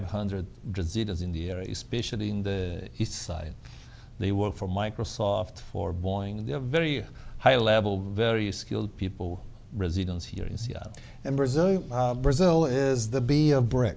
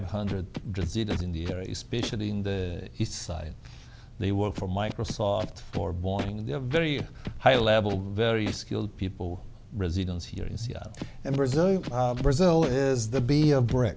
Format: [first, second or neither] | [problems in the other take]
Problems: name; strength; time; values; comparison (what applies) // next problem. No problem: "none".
first | background sound (Scratching (performance technique)); 13 dB below the speech